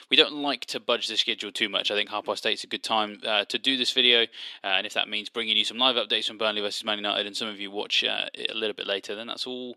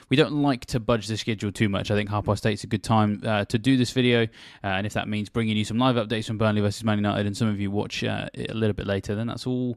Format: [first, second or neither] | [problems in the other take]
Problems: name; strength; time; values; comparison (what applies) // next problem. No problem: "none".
second | thin; somewhat; fading below 350 Hz